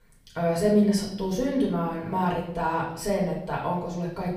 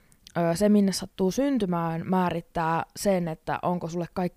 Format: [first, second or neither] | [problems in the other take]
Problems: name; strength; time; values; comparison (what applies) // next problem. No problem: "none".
second | off-mic speech; far // room echo; noticeable; dies away in 0.7 s